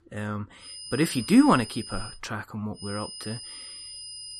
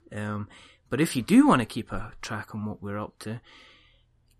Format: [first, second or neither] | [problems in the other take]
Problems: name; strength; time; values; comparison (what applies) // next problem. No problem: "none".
second | high-pitched whine; noticeable; from 0.5 to 2 s and from 3 s on; 5 kHz, 10 dB below the speech